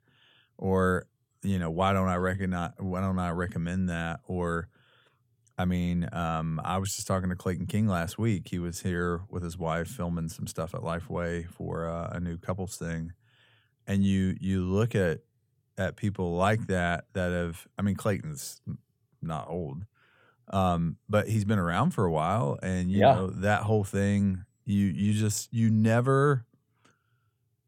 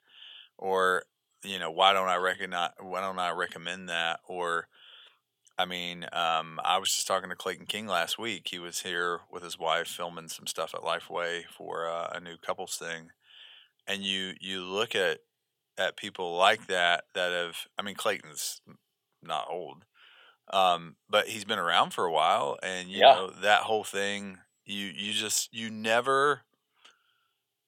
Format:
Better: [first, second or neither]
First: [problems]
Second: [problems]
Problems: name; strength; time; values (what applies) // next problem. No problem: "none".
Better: first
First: none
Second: thin; very; fading below 550 Hz